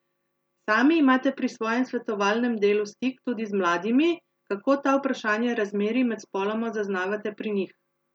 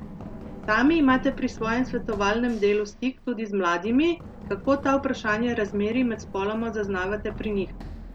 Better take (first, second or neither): first